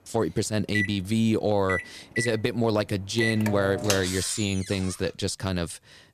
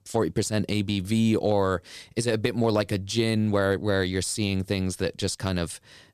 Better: second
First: household noises; loud; throughout; 5 dB below the speech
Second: none

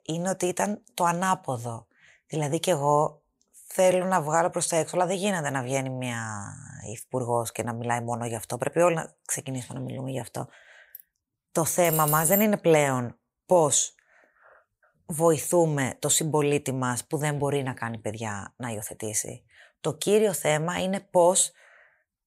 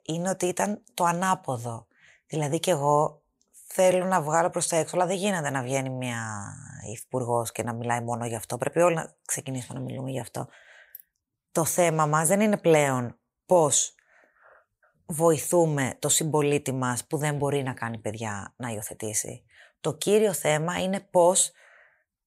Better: second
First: jangling keys; loud; at 12 s; peak level with the speech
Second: none

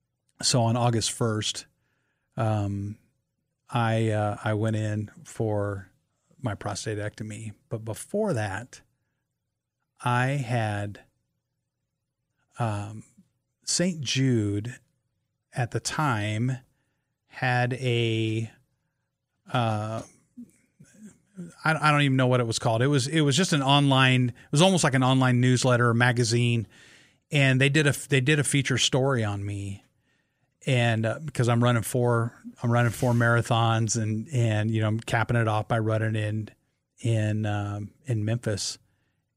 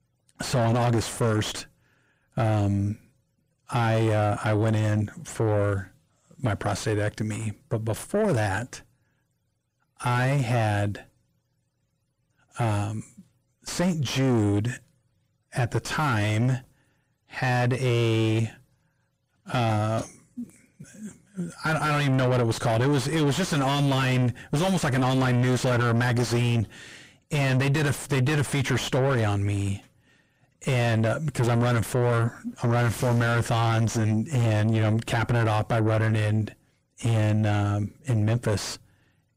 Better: first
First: none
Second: distortion; heavy; 5 dB below the speech

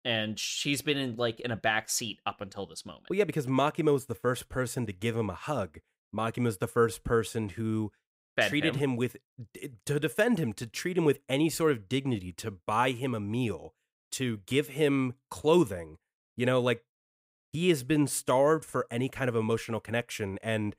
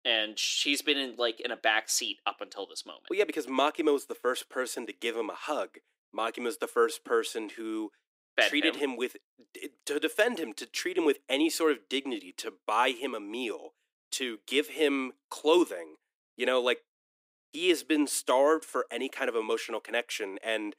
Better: first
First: none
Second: thin; somewhat; fading below 300 Hz

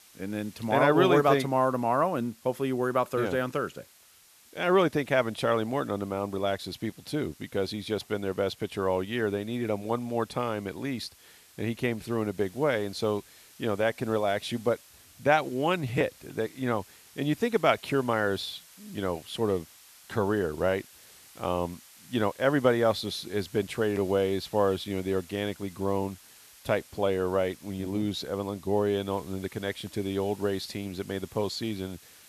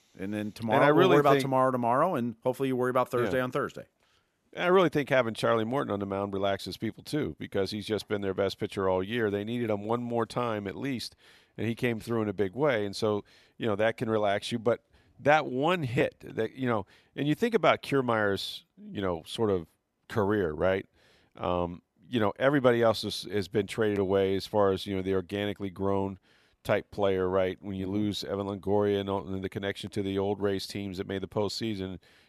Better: second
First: hiss; faint; throughout; 25 dB below the speech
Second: none

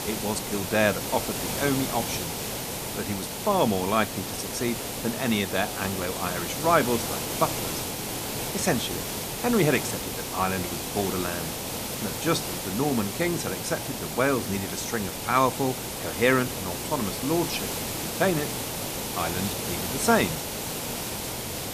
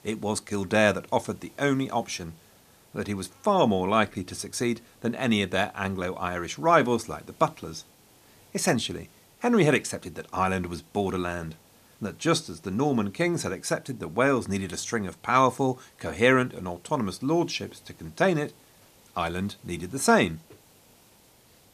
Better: second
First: hiss; loud; throughout; 3 dB below the speech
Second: hiss; faint; throughout; 30 dB below the speech

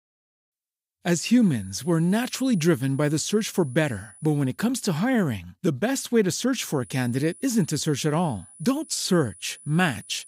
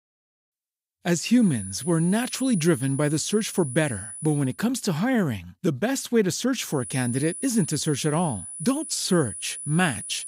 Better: first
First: high-pitched whine; faint; from 1.5 to 4.5 s and from 7 s on; 10 kHz, 20 dB below the speech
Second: high-pitched whine; loud; from 1.5 to 4.5 s and from 7 s on; 10 kHz, 10 dB below the speech

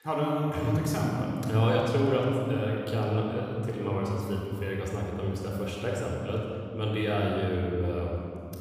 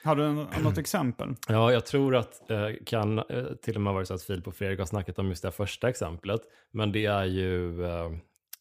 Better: second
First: off-mic speech; somewhat distant // room echo; noticeable; dies away in 2.8 s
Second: none

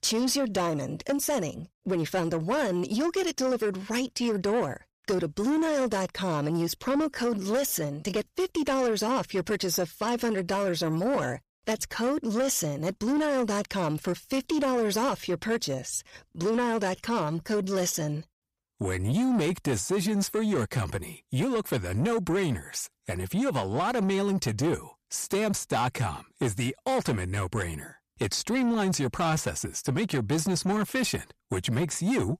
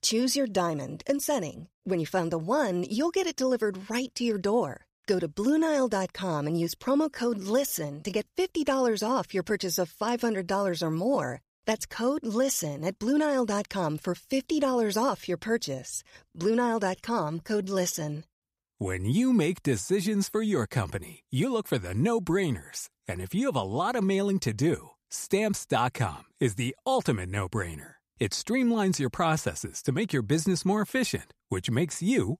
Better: second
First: distortion; slight; 10 dB below the speech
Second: none

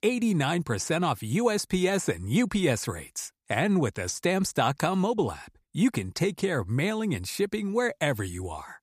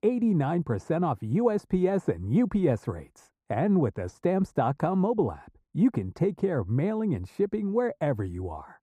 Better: first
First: none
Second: muffled; very; fading above 2 kHz

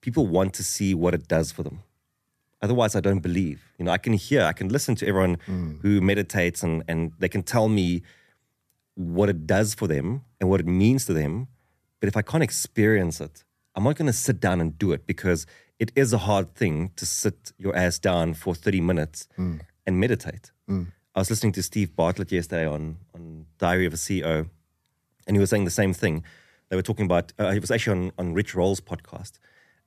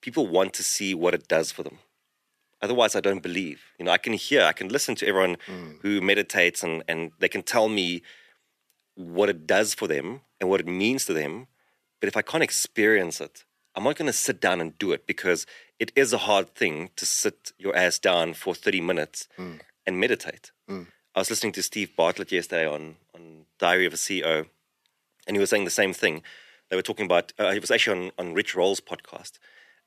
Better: first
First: none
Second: thin; somewhat; fading below 400 Hz

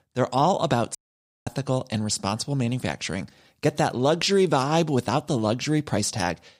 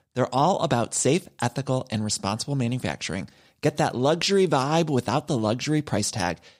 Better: second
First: audio cutting out; at 1 s for 0.5 s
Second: none

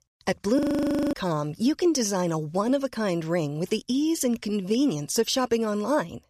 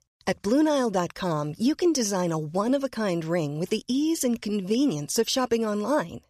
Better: second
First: audio freezing; at 0.5 s for 0.5 s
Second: none

